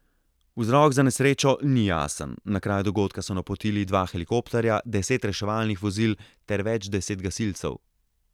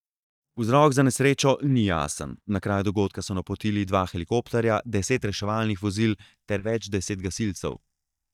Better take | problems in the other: first | noise reduction (neural mask model DeepFilterNet 3)

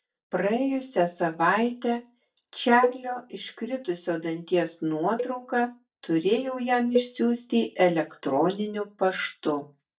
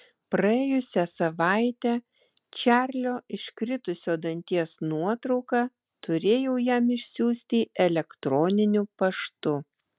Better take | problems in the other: second | noise reduction (neural mask model DeepFilterNet 3)

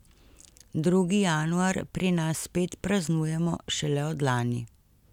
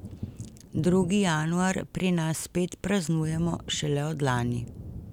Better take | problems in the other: first | background sound (Thunder); 14 dB below the speech

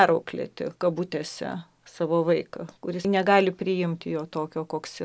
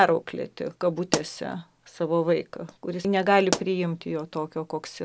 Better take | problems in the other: first | background sound (Explosion); 10 dB below the speech

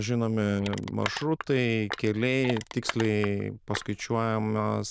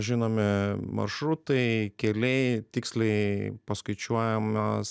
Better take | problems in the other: second | noise reduction (neural diffusion model UNIVERSE++)

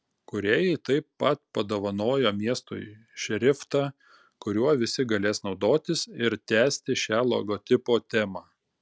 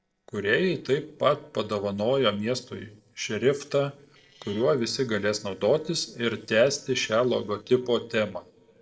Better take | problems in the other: first | noise reduction (neural separator model SepFormer DNS4)

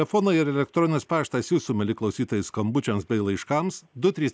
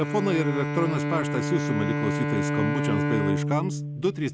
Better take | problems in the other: first | background sound (Bowed string instrument); 1 dB above the speech

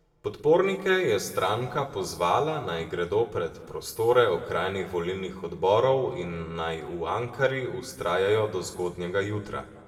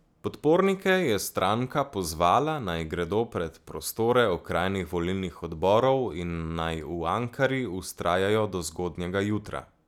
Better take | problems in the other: second | room echo; dies away in 1.1 s

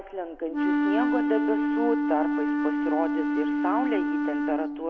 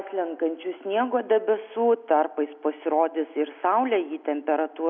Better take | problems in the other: second | background sound (Wind instrument, woodwind instrument); 5 dB above the speech

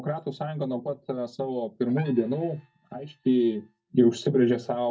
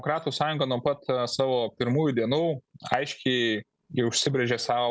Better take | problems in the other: second | noise reduction (neural mask model DeepFilterNet 3)

